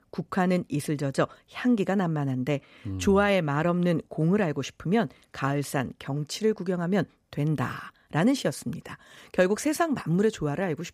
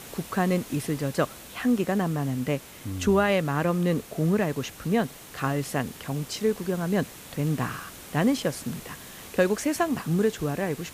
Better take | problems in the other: first | hiss; noticeable; throughout; 15 dB below the speech

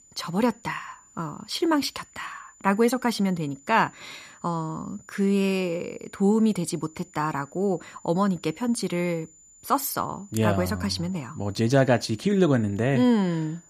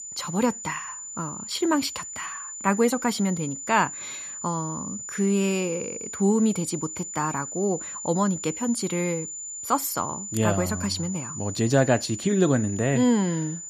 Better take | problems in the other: first | high-pitched whine; loud; throughout; 7 kHz, 8 dB below the speech; faint in the first

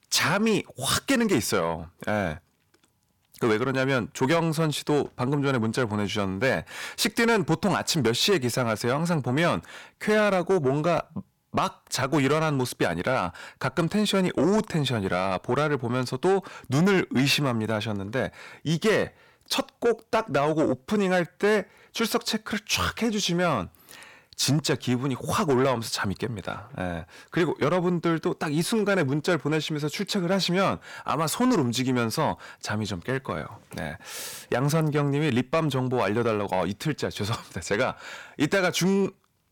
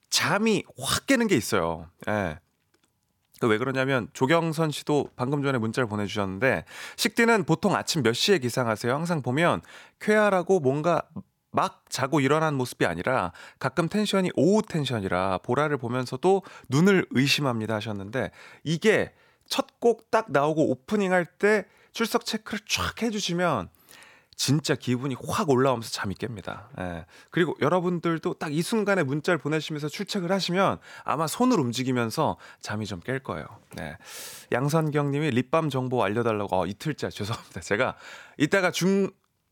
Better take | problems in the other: second | distortion; slight; 10 dB below the speech

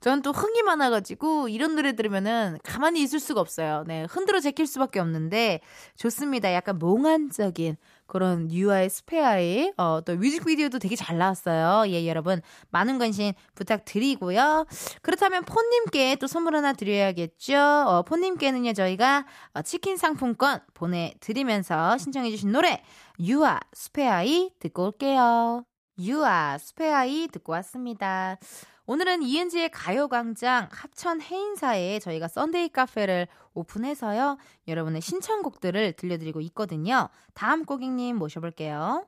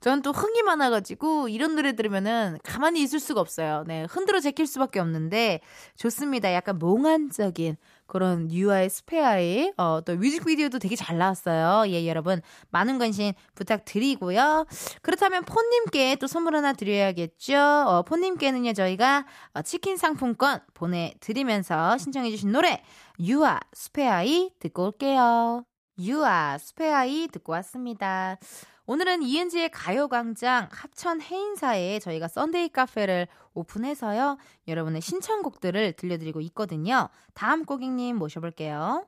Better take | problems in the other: neither | none

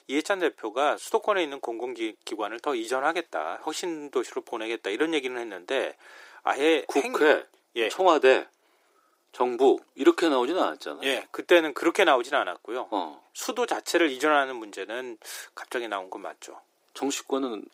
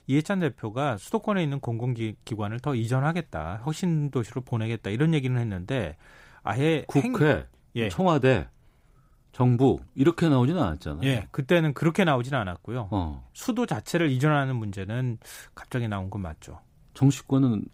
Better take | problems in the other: second | thin; very; fading below 350 Hz

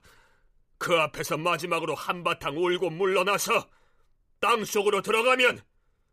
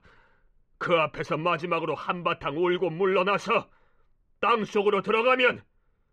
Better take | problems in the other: first | muffled; slightly; fading above 2.5 kHz

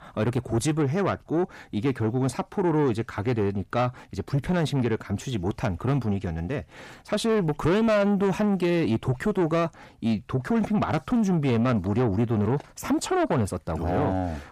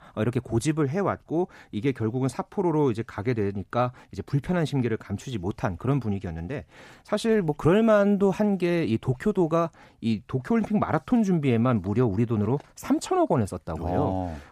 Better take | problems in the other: second | distortion; slight; 10 dB below the speech

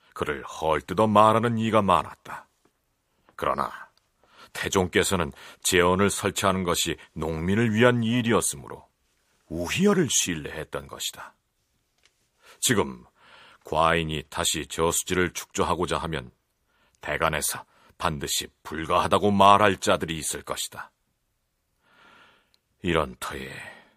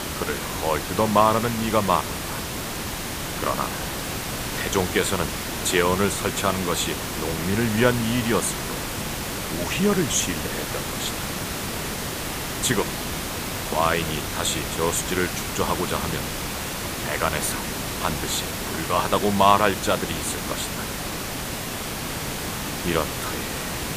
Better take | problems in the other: first | hiss; loud; throughout; 4 dB below the speech

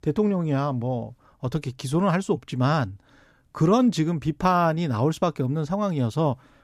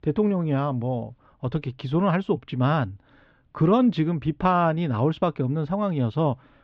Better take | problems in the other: first | muffled; slightly; fading above 3.5 kHz

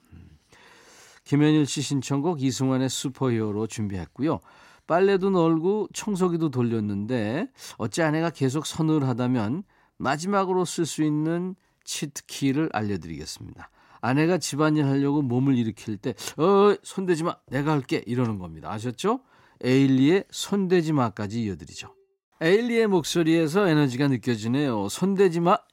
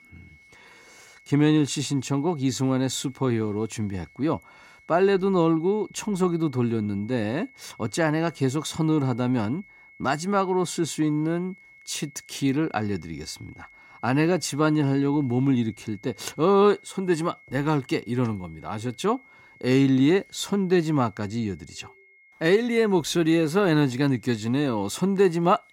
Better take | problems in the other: first | high-pitched whine; faint; throughout; 2 kHz, 25 dB below the speech

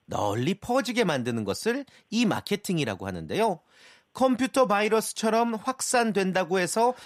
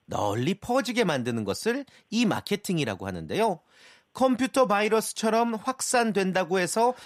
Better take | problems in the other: neither | none

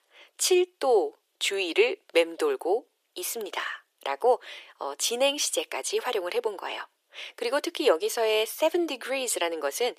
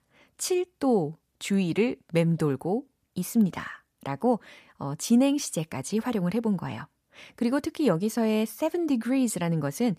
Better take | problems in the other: second | thin; very; fading below 350 Hz

